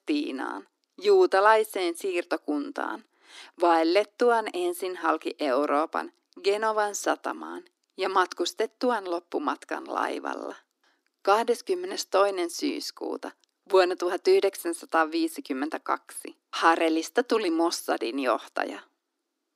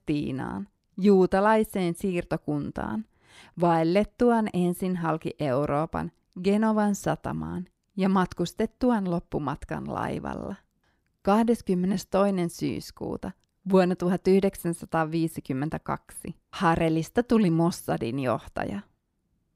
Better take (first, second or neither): second